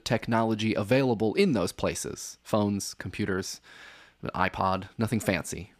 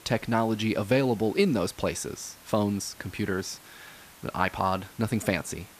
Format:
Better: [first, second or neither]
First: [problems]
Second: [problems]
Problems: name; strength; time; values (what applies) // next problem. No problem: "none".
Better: first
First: none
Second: hiss; faint; throughout; 20 dB below the speech